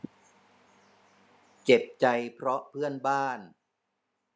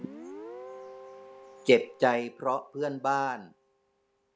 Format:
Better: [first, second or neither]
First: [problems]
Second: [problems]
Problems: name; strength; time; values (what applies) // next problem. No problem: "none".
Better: first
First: none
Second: background sound (Guitar); 18 dB below the speech